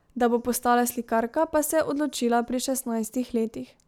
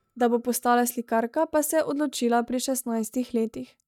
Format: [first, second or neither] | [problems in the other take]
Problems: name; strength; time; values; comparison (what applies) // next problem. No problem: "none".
first | noise reduction (neural mask model DeepFilterNet 3)